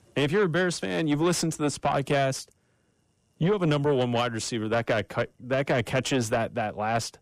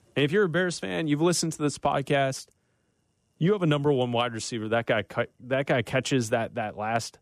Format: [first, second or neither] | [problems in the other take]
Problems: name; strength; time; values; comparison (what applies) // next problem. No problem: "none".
second | distortion; slight; 10 dB below the speech